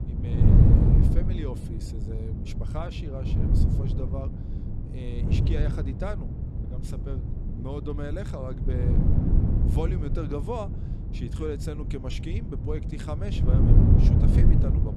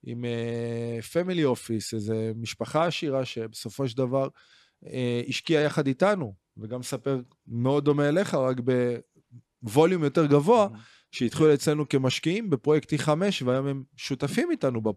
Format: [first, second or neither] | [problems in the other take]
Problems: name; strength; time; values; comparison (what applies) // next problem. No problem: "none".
second | wind noise on the microphone; heavy; 1 dB above the speech